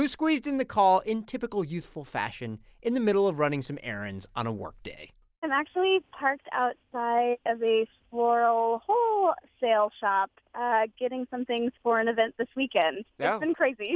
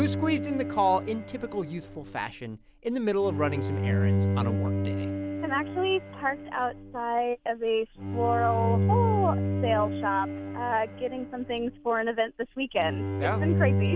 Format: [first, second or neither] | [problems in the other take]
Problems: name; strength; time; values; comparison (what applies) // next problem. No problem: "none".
first | background sound (Bowed string instrument); 1 dB below the speech